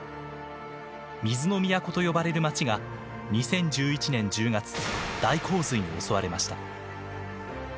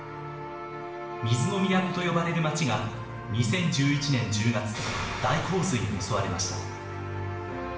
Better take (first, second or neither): first